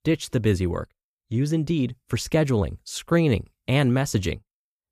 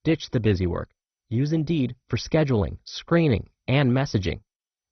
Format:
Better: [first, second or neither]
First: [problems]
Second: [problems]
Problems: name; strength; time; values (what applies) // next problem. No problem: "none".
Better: first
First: none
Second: garbled, watery; badly; nothing above 6 kHz